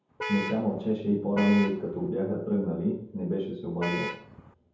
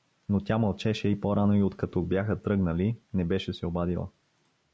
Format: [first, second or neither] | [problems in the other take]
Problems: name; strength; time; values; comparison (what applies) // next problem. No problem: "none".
second | background sound (Vehicle horn, car horn, honking); 8 dB below the speech // room echo; dies away in 0.7 s